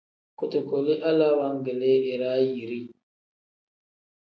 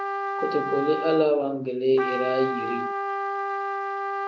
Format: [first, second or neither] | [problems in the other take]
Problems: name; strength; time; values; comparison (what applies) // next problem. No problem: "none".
first | background sound (Trumpet); 3 dB below the speech